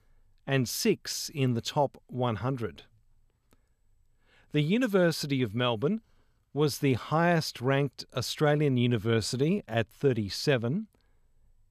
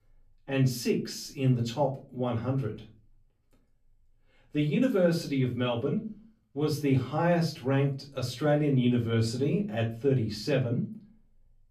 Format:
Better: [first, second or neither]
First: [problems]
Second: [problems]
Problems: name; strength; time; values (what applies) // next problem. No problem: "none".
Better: first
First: none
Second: off-mic speech; far // room echo; slight; dies away in 0.3 s